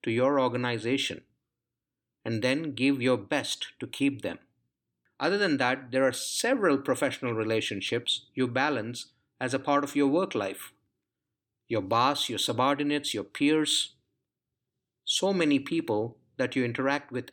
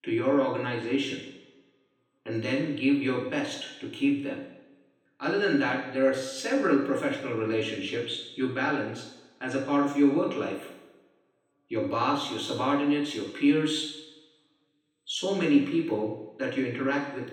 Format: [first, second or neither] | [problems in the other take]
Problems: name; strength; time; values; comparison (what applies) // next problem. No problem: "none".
first | room echo; noticeable; dies away in 0.9 s // off-mic speech; far